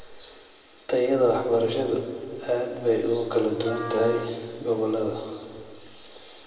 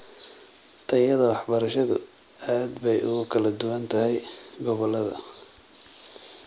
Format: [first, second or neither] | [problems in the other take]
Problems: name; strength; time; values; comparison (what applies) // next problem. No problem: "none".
second | background sound (Wind instrument, woodwind instrument); 14 dB below the speech // room echo; dies away in 2 s